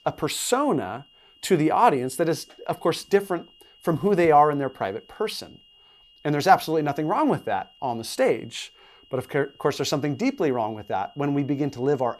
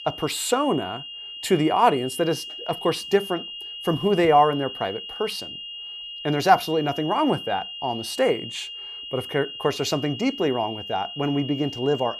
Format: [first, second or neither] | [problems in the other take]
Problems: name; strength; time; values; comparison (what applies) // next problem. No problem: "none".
first | high-pitched whine; loud; throughout; 3 kHz, 10 dB below the speech; faint in the first